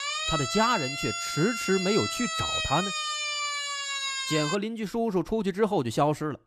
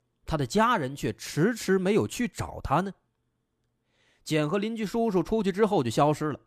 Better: second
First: siren; loud; until 4.5 s; peak 1 dB above the speech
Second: none

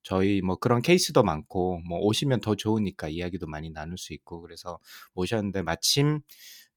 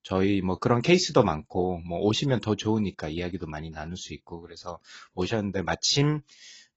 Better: first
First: none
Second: garbled, watery; badly; nothing above 7 kHz

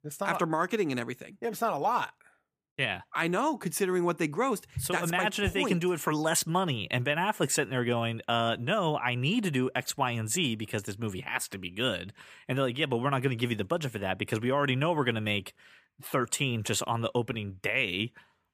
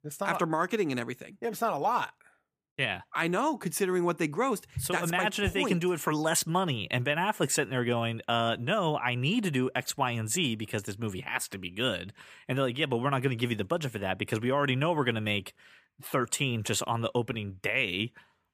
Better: neither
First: none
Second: none

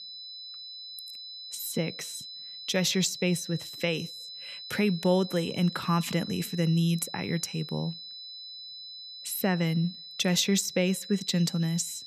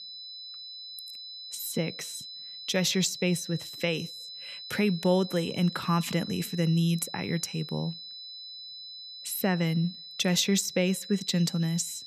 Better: neither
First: high-pitched whine; noticeable; throughout; 4 kHz, 10 dB below the speech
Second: high-pitched whine; noticeable; throughout; 4 kHz, 10 dB below the speech

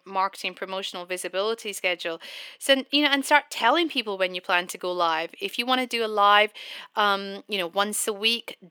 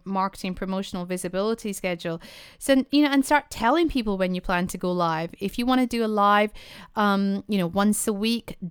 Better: second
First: thin; somewhat; fading below 350 Hz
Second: none

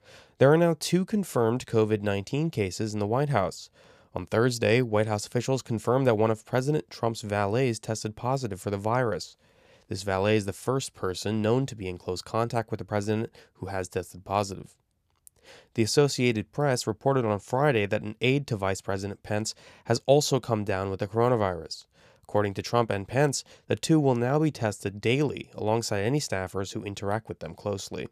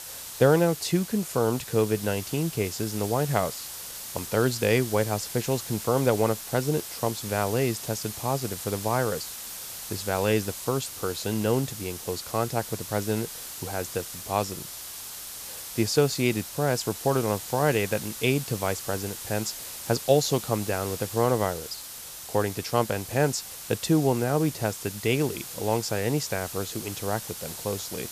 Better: first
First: none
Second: hiss; loud; throughout; 9 dB below the speech

